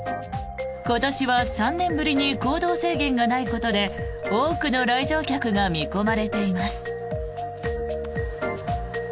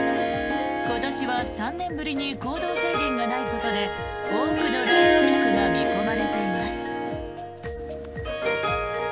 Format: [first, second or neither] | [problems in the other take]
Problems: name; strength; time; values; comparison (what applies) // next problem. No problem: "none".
first | background sound (Harp); 5 dB above the speech